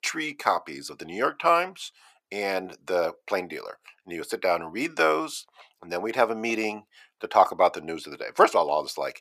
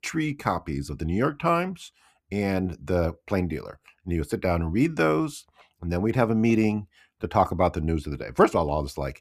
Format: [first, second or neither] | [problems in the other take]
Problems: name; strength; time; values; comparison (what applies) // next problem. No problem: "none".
second | thin; very; fading below 600 Hz